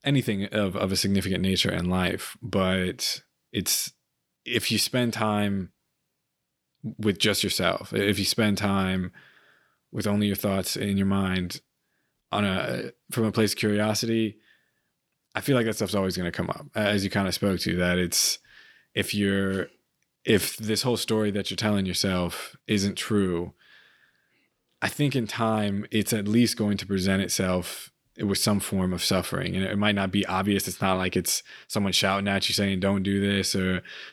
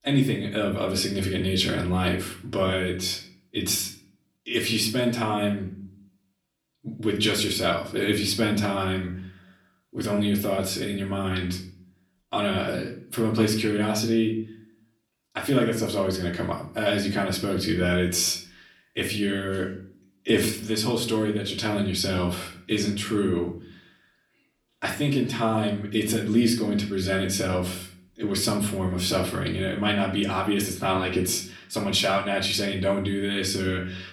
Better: first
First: none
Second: off-mic speech; far // room echo; slight; dies away in 0.4 s

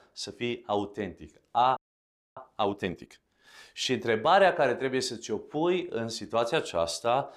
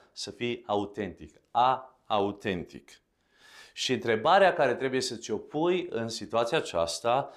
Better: second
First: audio freezing; at 2 s for 0.5 s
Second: none

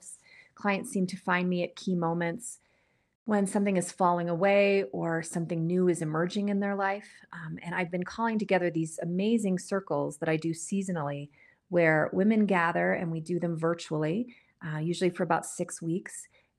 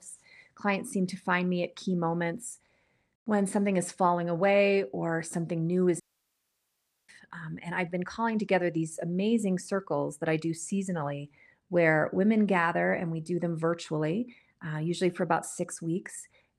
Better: first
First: none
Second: audio cutting out; at 6 s for 1 s

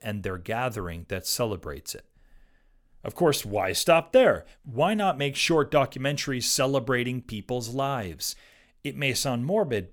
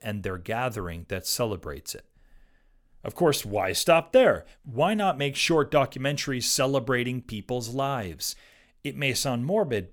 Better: neither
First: none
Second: none

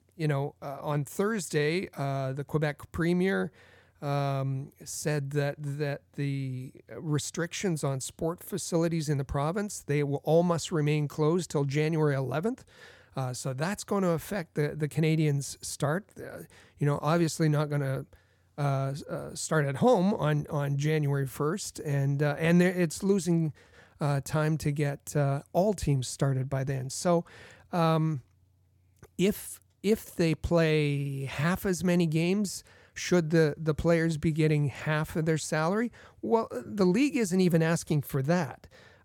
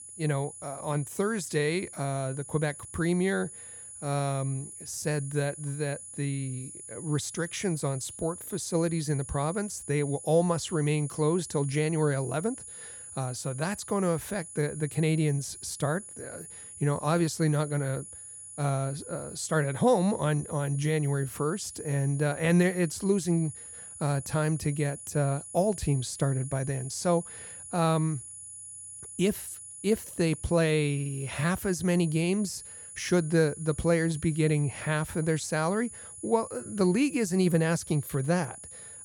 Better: first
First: none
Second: high-pitched whine; noticeable; throughout; 10 kHz, 10 dB below the speech

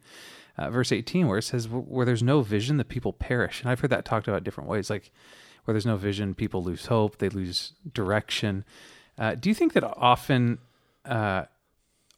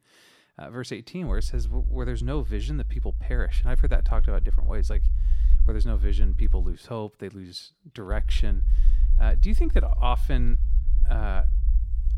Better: first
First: none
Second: low rumble; noticeable; from 1.5 to 6.5 s and from 8 s on; 15 dB below the speech

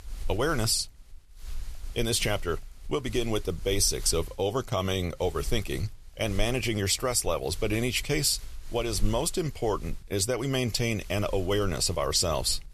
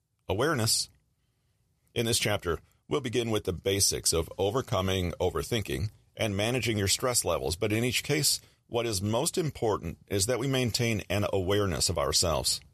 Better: second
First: wind noise on the microphone; occasional gusts; 25 dB below the speech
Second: none

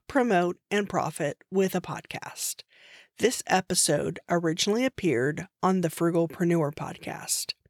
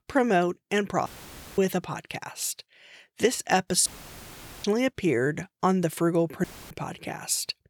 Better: first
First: none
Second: audio cutting out; filled with static; at 1 s for 0.5 s, at 4 s for 1 s and at 6.5 s

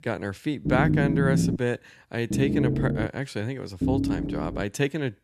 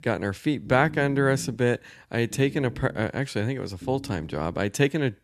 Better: second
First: low rumble; loud; at 0.5 s, at 2.5 s and at 4 s; 3 dB below the speech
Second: low rumble; faint; at 0.5 s, at 2.5 s and at 4 s; 20 dB below the speech

